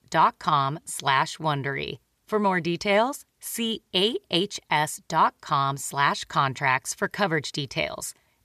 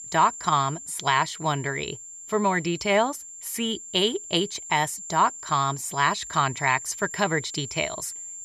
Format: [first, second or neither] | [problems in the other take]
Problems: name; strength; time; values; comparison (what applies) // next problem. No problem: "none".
first | high-pitched whine; noticeable; throughout; 7.5 kHz, 10 dB below the speech